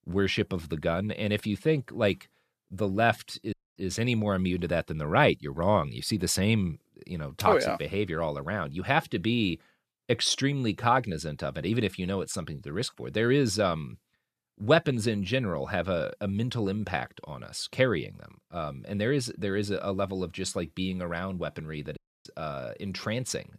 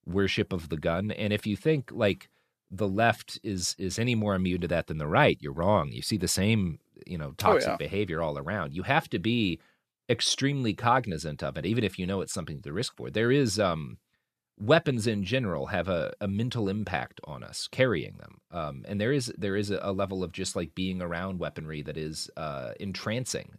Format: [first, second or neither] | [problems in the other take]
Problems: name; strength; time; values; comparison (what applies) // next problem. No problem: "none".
second | audio cutting out; at 3.5 s and at 22 s